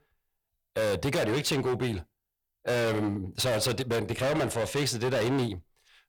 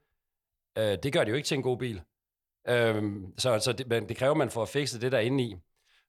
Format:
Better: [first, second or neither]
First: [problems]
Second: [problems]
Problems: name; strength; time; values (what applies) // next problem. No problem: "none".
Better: second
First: distortion; heavy; 22% of the sound clipped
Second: none